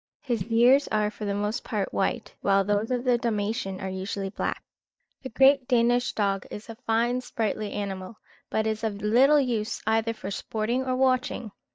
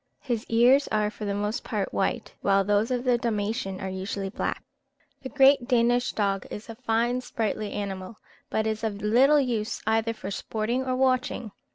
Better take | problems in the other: second | noise reduction (neural mask model DeepFilterNet 3)

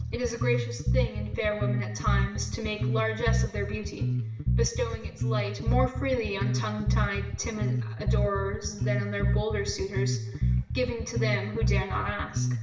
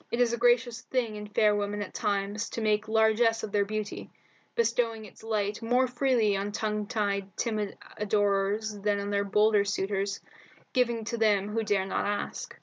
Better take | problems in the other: second | background sound (Bass guitar); 4 dB above the speech // room echo; dies away in 0.8 s

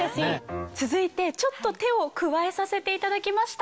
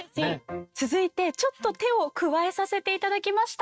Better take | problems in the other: first | noise reduction (neural mask model RNNoise)

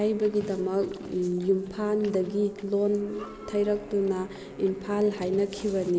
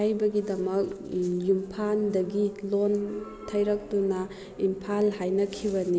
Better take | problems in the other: second | background sound (Wind instrument, woodwind instrument + Livestock, farm animals, working animals); 20 dB below the speech

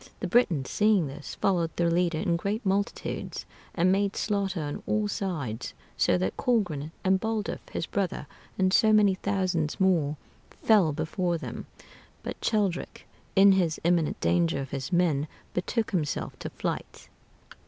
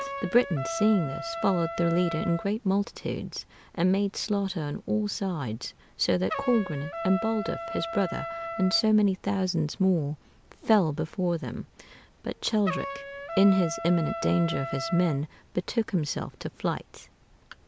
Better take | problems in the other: first | background sound (Trumpet); 11 dB below the speech

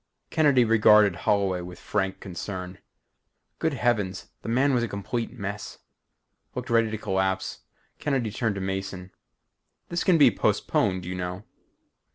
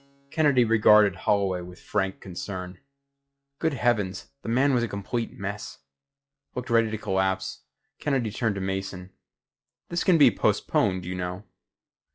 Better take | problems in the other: first | noise reduction (classical method log-MMSE)

